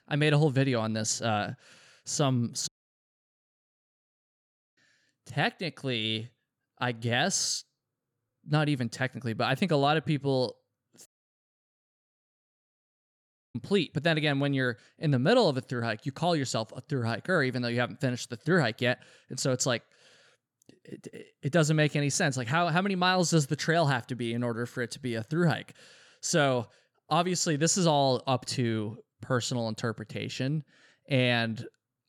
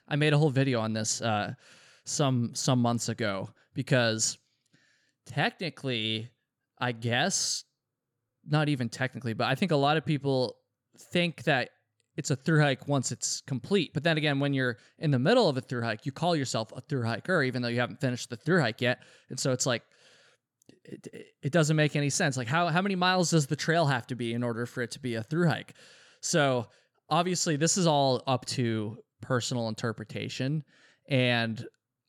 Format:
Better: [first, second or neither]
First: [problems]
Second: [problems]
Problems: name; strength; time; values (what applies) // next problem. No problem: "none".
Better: second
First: audio cutting out; at 2.5 s for 2 s and at 11 s for 2.5 s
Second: none